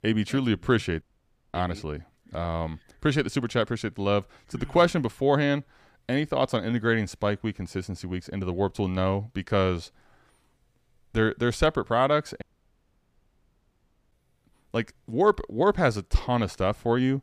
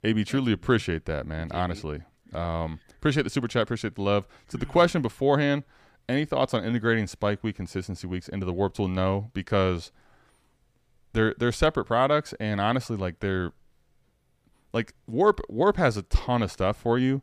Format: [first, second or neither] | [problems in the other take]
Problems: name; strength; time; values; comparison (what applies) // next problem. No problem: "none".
second | audio cutting out; at 1 s for 0.5 s and at 12 s for 1.5 s